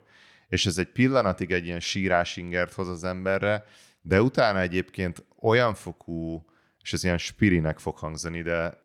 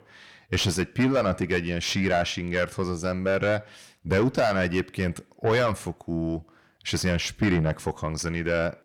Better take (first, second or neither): first